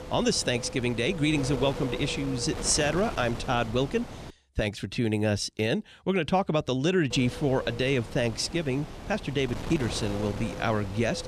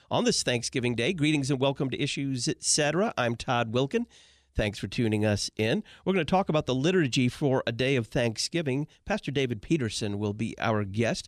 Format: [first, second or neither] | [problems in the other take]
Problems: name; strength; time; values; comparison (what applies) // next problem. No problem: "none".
second | wind noise on the microphone; occasional gusts; until 4.5 s and from 7 s on; 10 dB below the speech